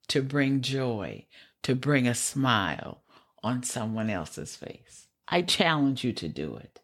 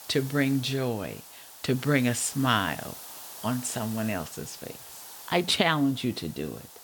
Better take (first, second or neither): first